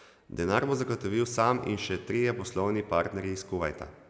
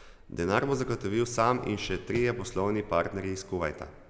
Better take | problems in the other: first | background sound (Wind + Tap); 18 dB below the speech

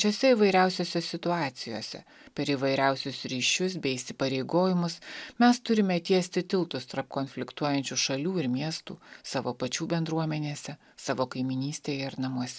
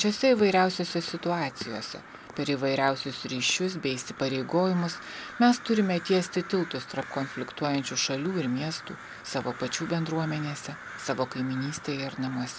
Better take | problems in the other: first | background sound (Crow); 15 dB below the speech

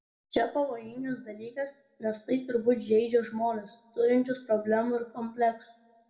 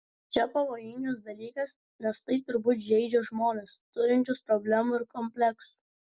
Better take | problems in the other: second | room echo; dies away in 1.1 s

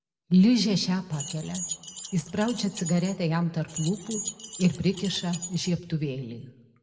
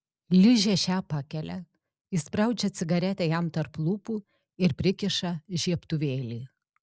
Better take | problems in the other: second | background sound (Keys jangling); 12 dB below the speech // room echo; dies away in 0.7 s

